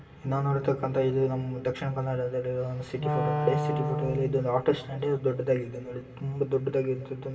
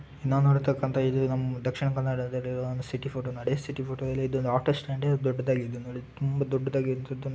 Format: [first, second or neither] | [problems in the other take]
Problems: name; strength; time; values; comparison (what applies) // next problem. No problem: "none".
second | background sound (Wind instrument, woodwind instrument); 2 dB below the speech // room echo; dies away in 2.3 s